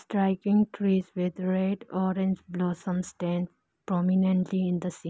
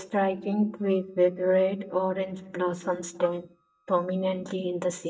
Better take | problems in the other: first | noise reduction (neural mask model DeepFilterNet 3)

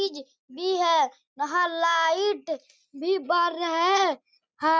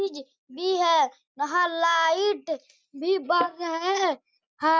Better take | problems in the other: first | noise reduction (neural mask model DeepFilterNet 3)

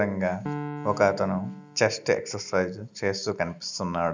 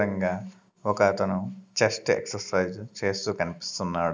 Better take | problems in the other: second | background sound (Piano); 13 dB below the speech

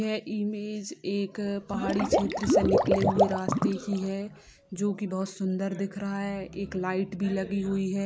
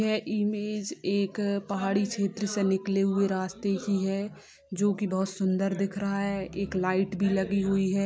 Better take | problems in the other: second | background sound (Water / Liquid); 2 dB above the speech

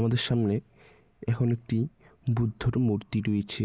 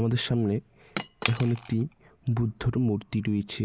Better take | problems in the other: first | background sound (Cutlery, silverware / Chink, clink); 11 dB below the speech

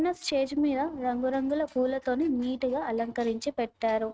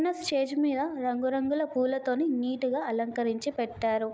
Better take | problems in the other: second | noise reduction (neural mask model RNNoise)

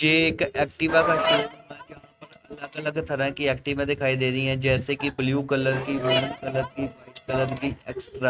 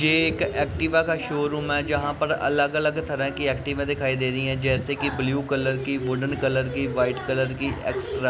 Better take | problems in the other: second | noise reduction (neural mask model RNNoise)

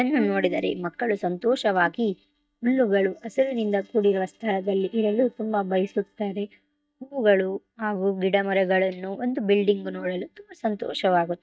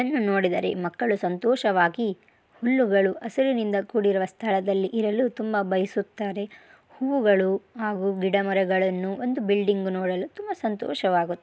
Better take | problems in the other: second | noise reduction (neural mask model DeepFilterNet 3)

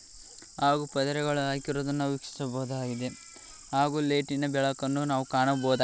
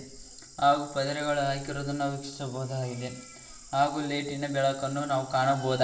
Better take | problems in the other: first | room echo; dies away in 1.3 s

